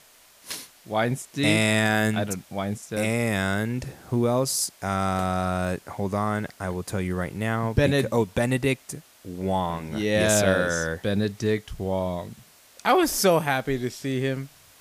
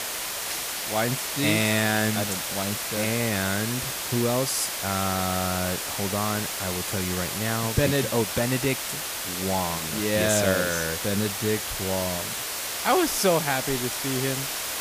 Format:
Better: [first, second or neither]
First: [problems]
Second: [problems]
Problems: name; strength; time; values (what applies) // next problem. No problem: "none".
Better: first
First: hiss; faint; throughout; 25 dB below the speech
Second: hiss; loud; throughout; 2 dB below the speech